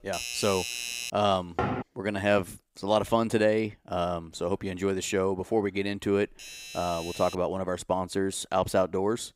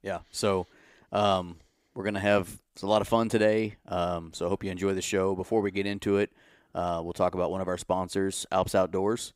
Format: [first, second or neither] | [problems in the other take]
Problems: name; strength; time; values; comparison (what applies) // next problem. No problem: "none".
second | doorbell; noticeable; until 1 s; peak 3 dB below the speech // door banging; noticeable; at 1.5 s; peak 2 dB below the speech // doorbell; faint; from 6.5 to 7.5 s; peak 10 dB below the speech